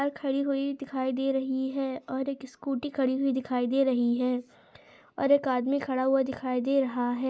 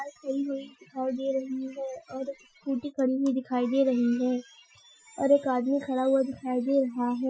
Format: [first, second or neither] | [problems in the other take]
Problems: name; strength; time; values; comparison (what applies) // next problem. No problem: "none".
first | noise reduction (classical method Wiener filter)